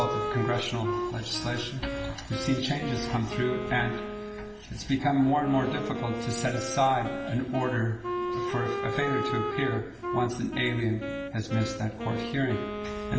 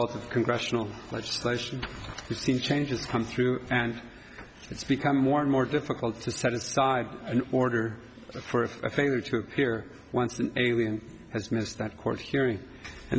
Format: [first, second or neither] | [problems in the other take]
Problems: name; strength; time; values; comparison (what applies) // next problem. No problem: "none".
second | background sound (Wind instrument, woodwind instrument); 5 dB below the speech // room echo; dies away in 1.6 s